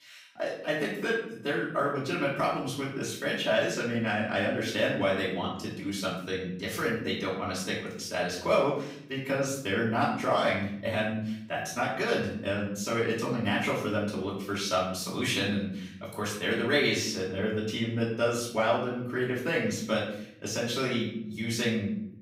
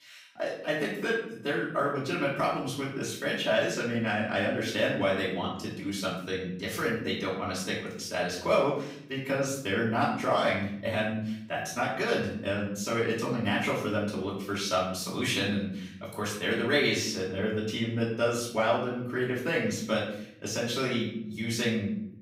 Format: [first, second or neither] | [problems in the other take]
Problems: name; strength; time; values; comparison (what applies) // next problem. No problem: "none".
neither | off-mic speech; far; the same in both // room echo; noticeable; dies away in 0.7 s; the same in both